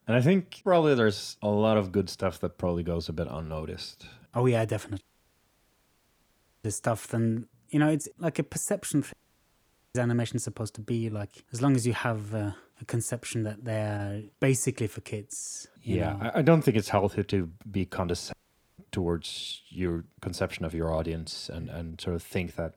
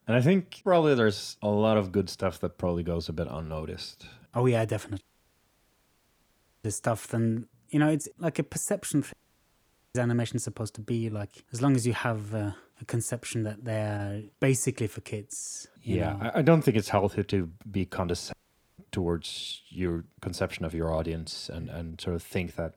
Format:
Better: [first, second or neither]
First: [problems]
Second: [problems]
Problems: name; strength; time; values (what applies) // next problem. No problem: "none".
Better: neither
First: audio cutting out; at 5 s for 1.5 s, at 9 s for 1 s and at 18 s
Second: audio cutting out; at 5 s for 1.5 s, at 9 s for 1 s and at 18 s